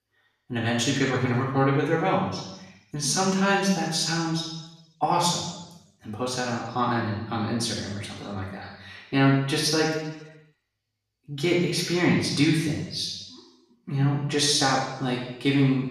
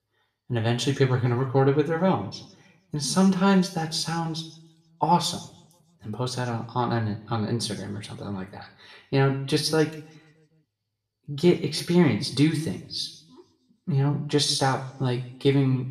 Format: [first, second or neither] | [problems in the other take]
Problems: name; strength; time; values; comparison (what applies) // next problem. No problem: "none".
second | room echo; strong; dies away in 0.9 s; slight in the second // off-mic speech; far; somewhat distant in the second